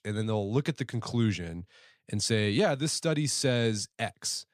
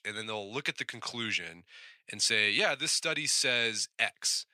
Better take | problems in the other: first | thin; somewhat; fading below 1 kHz

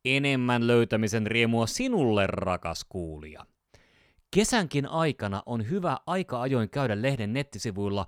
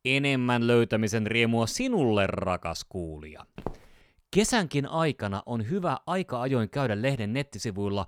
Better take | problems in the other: first | footsteps; faint; at 3.5 s; peak 15 dB below the speech

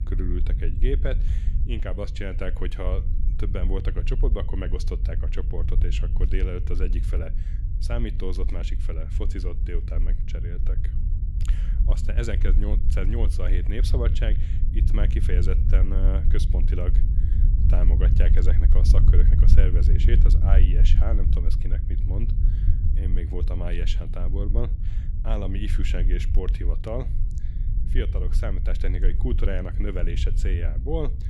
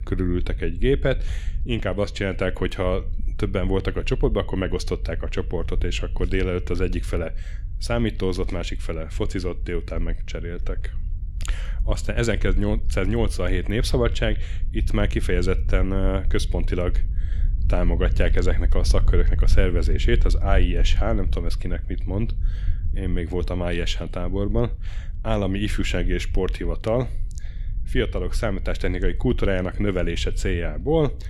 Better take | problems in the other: second | low rumble; loud; throughout; 7 dB below the speech; faint in the second

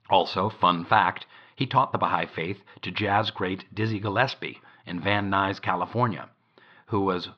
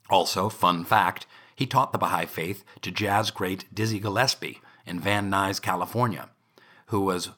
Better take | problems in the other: second | muffled; slightly; fading above 4 kHz

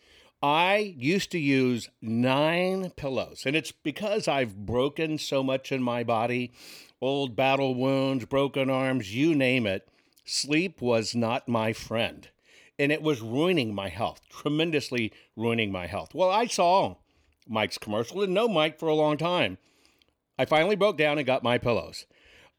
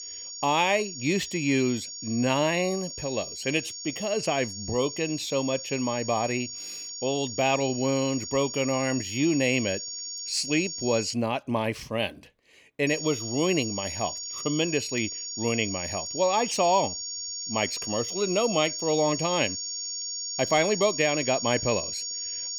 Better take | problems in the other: first | high-pitched whine; loud; until 11 s and from 13 s on; 6.5 kHz, 6 dB below the speech

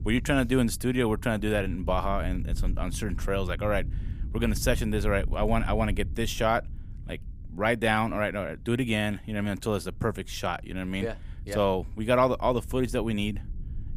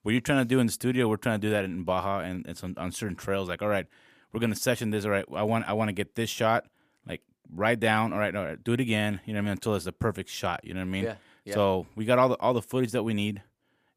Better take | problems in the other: second | low rumble; faint; throughout; 25 dB below the speech

